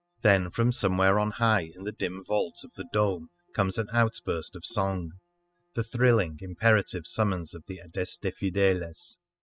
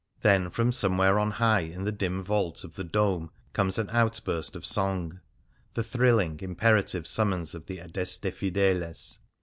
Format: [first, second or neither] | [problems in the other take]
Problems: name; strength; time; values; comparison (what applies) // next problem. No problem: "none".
second | noise reduction (classical method spectral subtraction)